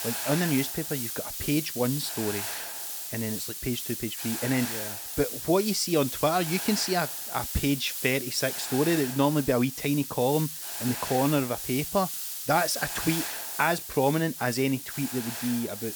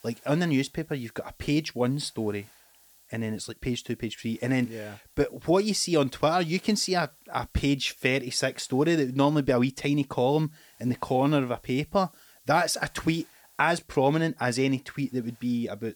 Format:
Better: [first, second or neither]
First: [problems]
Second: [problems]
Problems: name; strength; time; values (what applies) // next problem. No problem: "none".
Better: second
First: hiss; loud; throughout; 4 dB below the speech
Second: hiss; faint; throughout; 30 dB below the speech